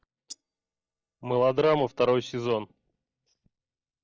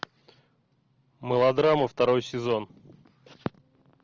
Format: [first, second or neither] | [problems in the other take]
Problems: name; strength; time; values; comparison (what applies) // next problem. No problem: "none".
second | noise reduction (neural mask model DeepFilterNet 3)